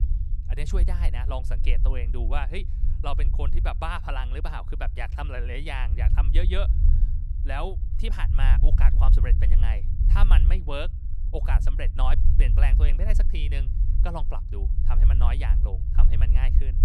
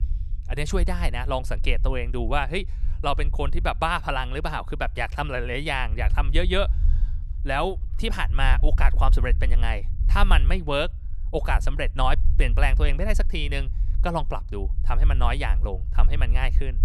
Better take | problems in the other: second | low rumble; loud; throughout; 9 dB below the speech; faint in the second

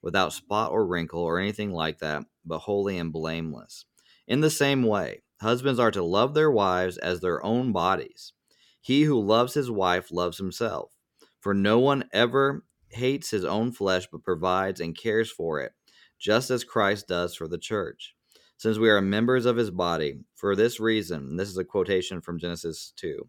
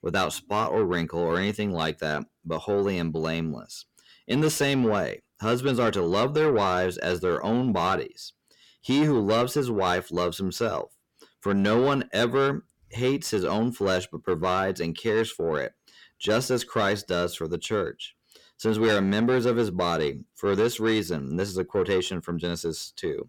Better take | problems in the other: first | distortion; slight; 10 dB below the speech

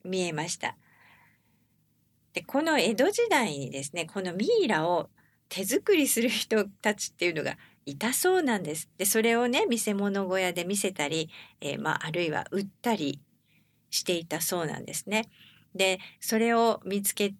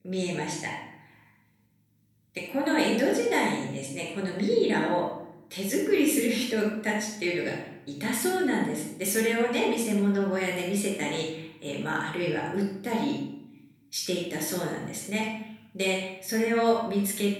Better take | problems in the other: first | off-mic speech; far // room echo; noticeable; dies away in 0.7 s

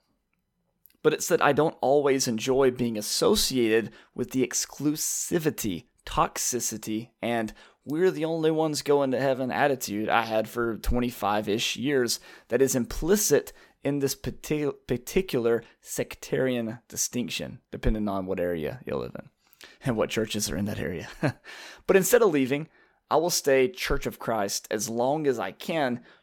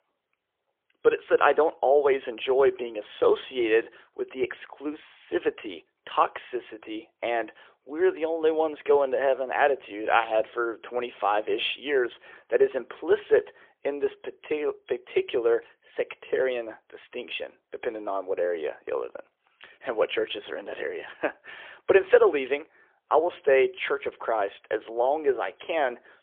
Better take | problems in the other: first | phone-call audio; poor line; nothing above 3.5 kHz

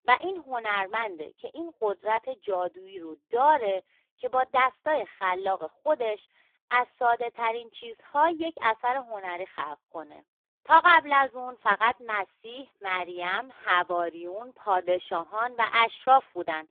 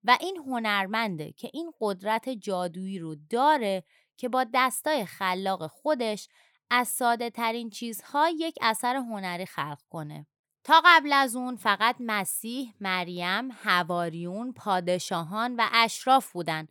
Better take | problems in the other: second | phone-call audio; poor line

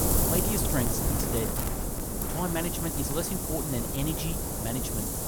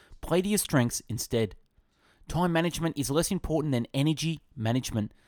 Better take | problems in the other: second | wind noise on the microphone; heavy; 2 dB above the speech

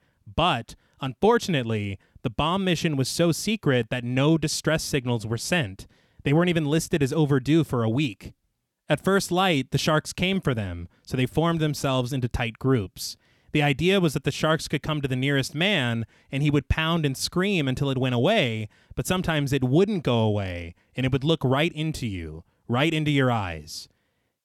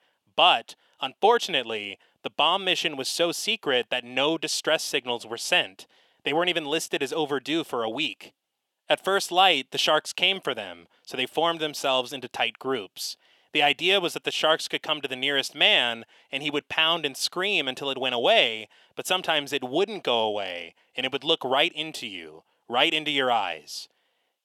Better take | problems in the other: first | thin; very; fading below 500 Hz

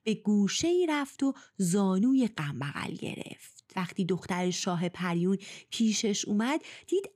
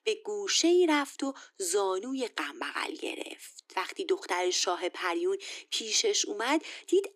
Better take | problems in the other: first | thin; very; fading below 300 Hz

